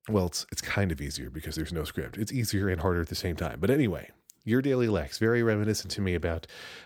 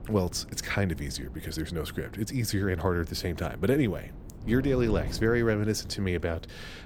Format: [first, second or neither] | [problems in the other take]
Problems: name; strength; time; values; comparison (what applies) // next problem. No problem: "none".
first | wind noise on the microphone; occasional gusts; 20 dB below the speech